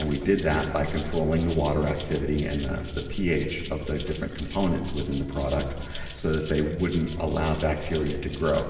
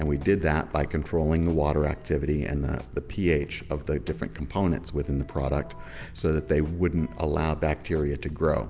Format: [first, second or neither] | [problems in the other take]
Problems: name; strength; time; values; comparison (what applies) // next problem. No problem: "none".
second | background sound (Rattle (instrument)); 20 dB below the speech // room echo; dies away in 2.3 s